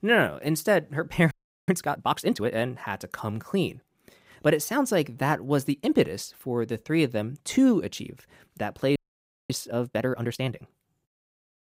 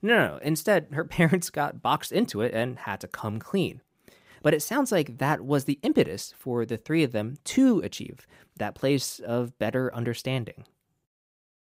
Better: second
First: audio freezing; at 1.5 s and at 9 s for 0.5 s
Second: none

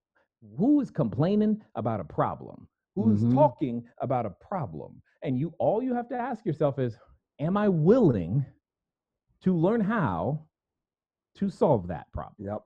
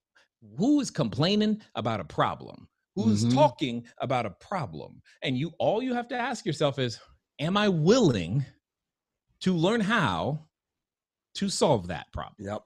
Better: second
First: muffled; very; fading above 2 kHz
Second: none

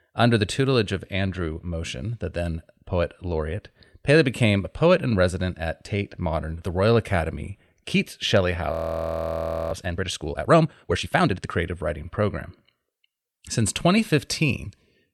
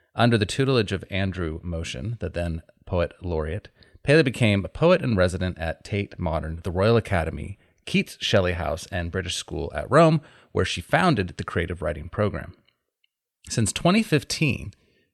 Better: second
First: audio freezing; at 8.5 s for 1 s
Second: none

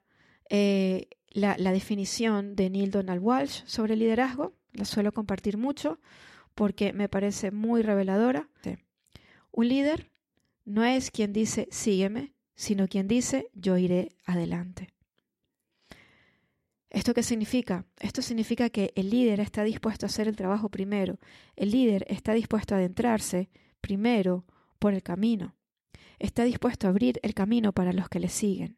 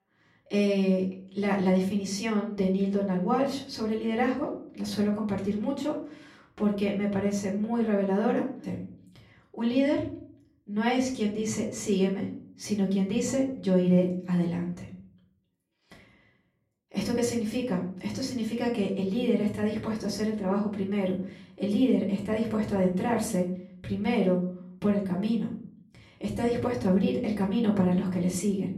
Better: first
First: none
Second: off-mic speech; far // room echo; slight; dies away in 0.5 s

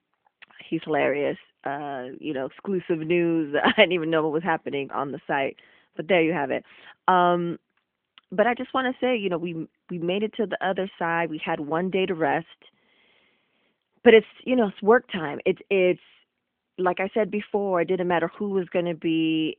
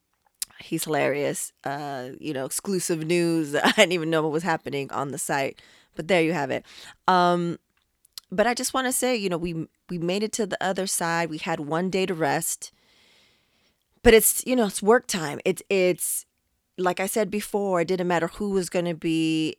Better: second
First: phone-call audio; nothing above 3 kHz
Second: none

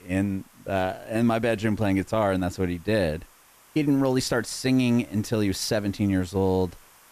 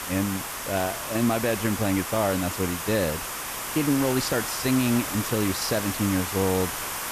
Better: first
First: hiss; faint; throughout; 30 dB below the speech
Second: hiss; loud; throughout; 4 dB below the speech

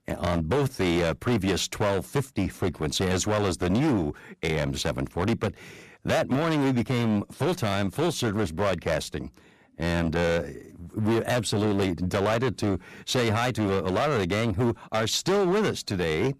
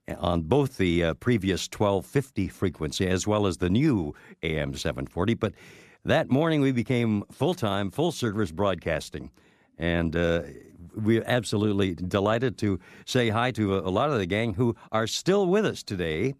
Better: second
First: distortion; heavy; 15% of the sound clipped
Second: none

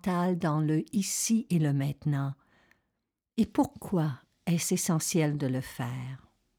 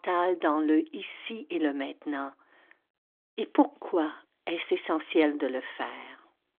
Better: first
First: none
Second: phone-call audio; nothing above 3.5 kHz

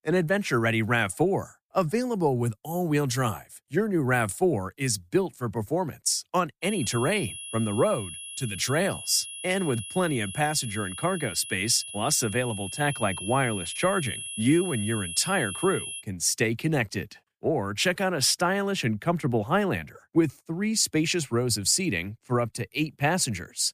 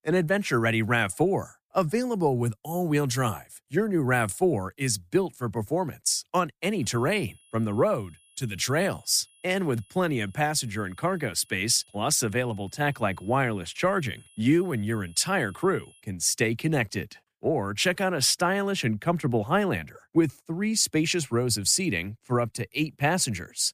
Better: second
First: high-pitched whine; loud; from 6.5 to 16 s; 10.5 kHz, 9 dB below the speech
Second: high-pitched whine; faint; from 6.5 to 16 s; 10.5 kHz, 30 dB below the speech

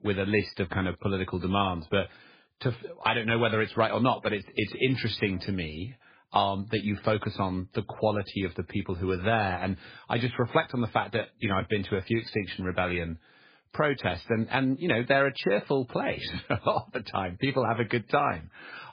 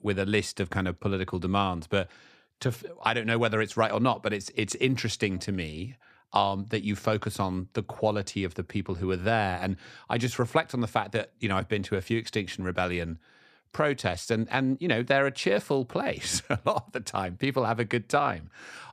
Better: second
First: garbled, watery; badly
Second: none

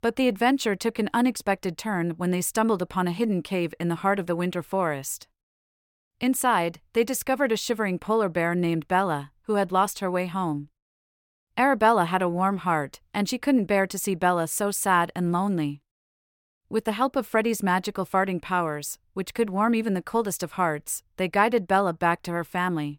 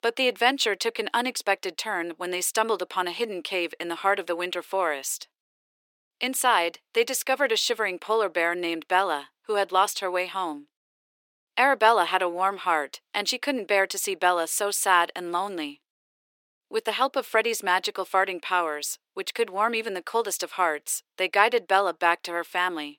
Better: first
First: none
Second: thin; somewhat; fading below 350 Hz

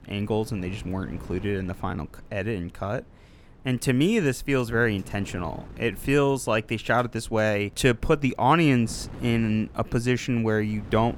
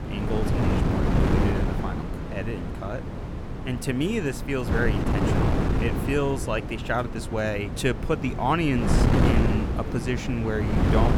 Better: first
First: wind noise on the microphone; occasional gusts; 25 dB below the speech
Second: wind noise on the microphone; heavy; 2 dB below the speech

